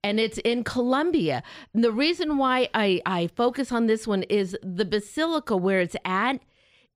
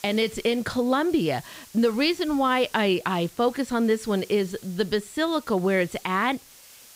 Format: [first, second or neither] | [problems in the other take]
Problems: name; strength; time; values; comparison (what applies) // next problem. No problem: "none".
first | hiss; faint; throughout; 20 dB below the speech